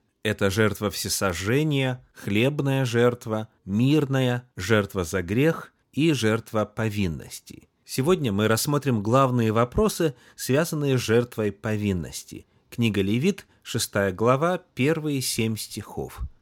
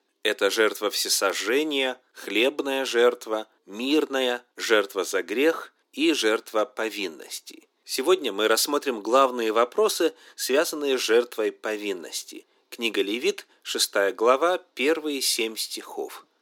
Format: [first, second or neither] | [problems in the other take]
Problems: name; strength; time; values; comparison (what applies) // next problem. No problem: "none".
first | thin; somewhat; fading below 300 Hz